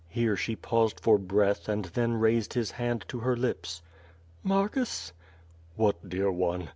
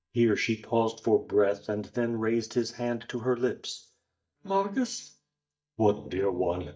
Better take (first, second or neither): first